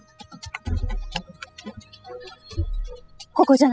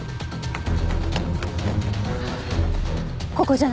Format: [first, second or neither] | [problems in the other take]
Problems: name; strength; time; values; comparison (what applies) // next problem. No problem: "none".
second | noise reduction (classical method spectral subtraction)